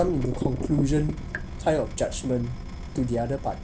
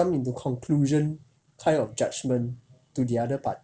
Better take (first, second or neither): second